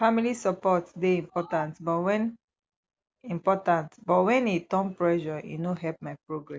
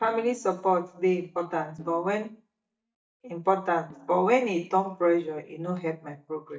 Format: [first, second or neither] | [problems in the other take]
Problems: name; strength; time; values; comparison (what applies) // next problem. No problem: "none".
first | noise reduction (neural mask model DeepFilterNet 3)